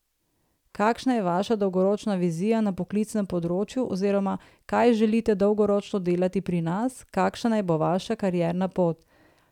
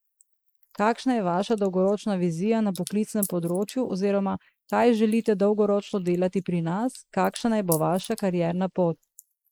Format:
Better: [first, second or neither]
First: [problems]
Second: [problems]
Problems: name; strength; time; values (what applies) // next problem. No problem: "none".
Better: first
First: none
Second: noise reduction (neural mask model Resemble Enhance denoiser)